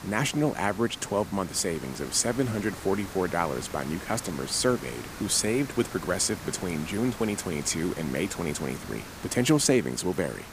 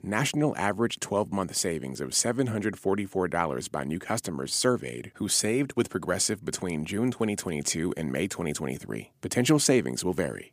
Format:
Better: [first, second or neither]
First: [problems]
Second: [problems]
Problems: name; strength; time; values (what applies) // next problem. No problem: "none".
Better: second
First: hiss; noticeable; throughout; 15 dB below the speech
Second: none